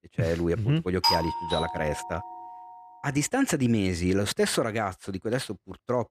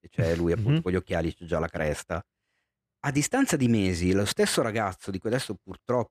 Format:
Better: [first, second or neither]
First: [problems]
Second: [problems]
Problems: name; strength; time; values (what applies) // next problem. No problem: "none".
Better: second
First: doorbell; loud; from 1 to 2 s; peak 4 dB above the speech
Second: none